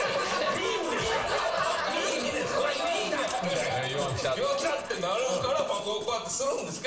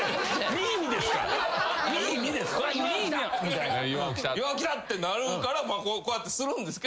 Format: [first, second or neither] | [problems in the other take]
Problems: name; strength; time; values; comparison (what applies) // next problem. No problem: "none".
second | background sound (Writing); 15 dB below the speech // room echo; dies away in 1.1 s